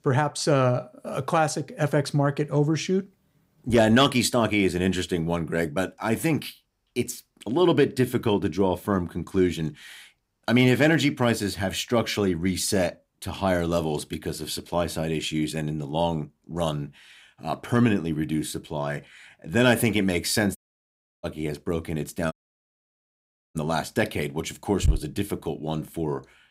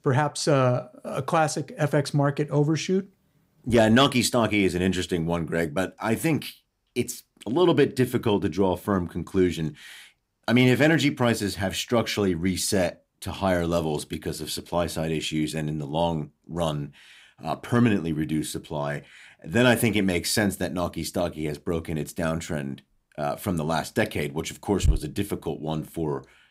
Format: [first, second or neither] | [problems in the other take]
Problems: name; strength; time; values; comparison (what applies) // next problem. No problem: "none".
second | audio cutting out; at 21 s for 0.5 s and at 22 s for 1 s